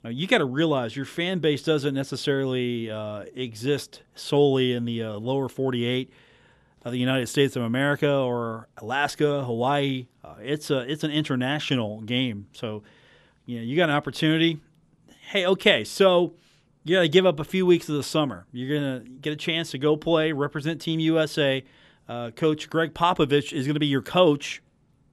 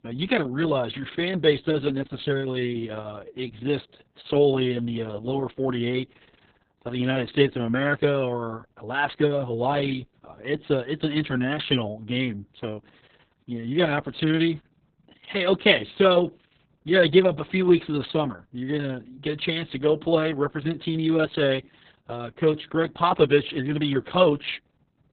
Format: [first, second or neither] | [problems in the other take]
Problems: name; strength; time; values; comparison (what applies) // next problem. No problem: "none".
first | garbled, watery; badly; nothing above 3.5 kHz